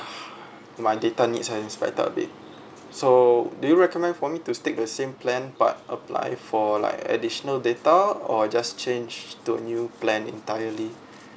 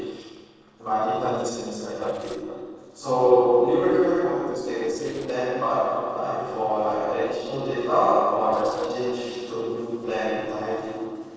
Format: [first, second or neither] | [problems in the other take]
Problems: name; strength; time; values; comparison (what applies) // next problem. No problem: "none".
first | noise reduction (neural separator model SepFormer DNS4)